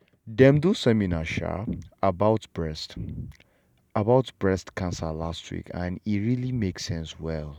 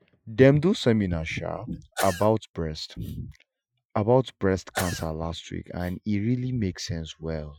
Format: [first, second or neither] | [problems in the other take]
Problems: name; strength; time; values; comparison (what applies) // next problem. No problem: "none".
first | noise reduction (classical method Wiener filter)